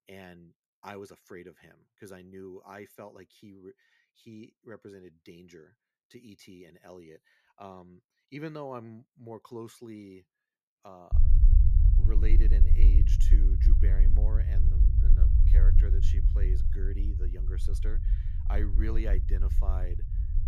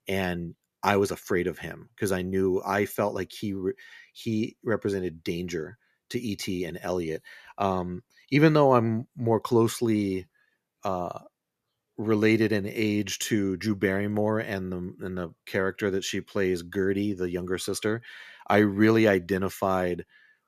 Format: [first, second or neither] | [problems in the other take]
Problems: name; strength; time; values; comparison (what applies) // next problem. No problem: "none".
second | low rumble; loud; from 11 s on; 1 dB below the speech